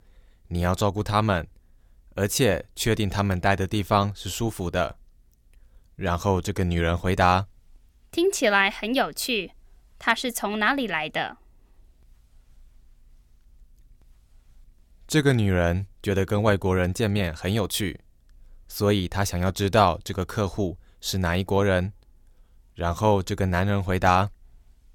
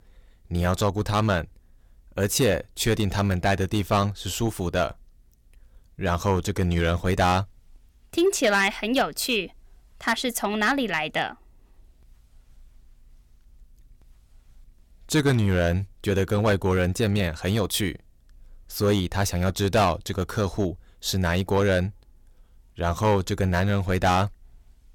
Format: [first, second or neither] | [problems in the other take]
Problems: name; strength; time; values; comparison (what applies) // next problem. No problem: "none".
first | distortion; slight; 3% of the sound clipped